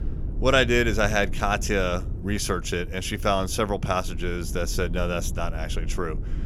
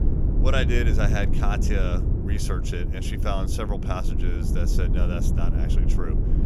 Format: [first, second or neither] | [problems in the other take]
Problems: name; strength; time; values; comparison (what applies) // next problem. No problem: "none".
first | low rumble; loud; throughout; 5 dB below the speech; faint in the first